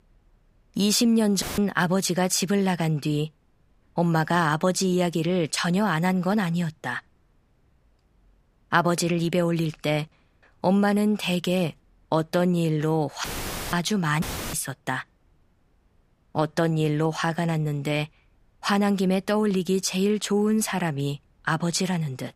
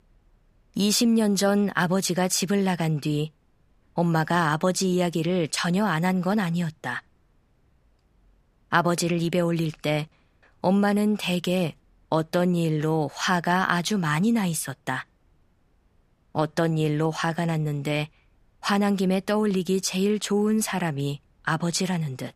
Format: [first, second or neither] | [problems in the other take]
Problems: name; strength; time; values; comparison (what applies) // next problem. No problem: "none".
second | audio cutting out; filled with static; at 1.5 s, at 13 s and at 14 s